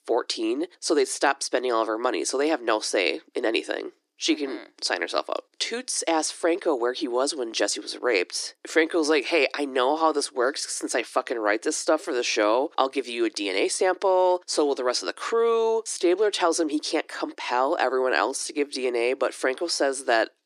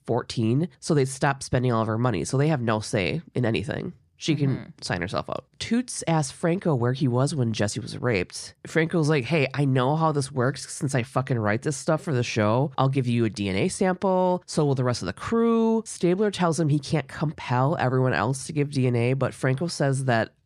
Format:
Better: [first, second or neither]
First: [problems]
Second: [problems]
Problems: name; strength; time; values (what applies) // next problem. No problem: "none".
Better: second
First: thin; very; fading below 300 Hz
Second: none